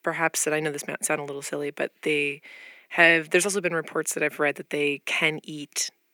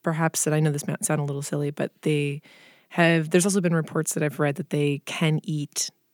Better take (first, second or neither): second